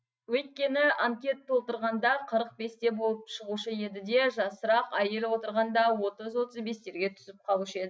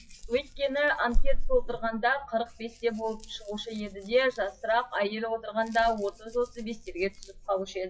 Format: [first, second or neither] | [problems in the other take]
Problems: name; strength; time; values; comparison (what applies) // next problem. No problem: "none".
first | noise reduction (classical method WPE with log-MMSE)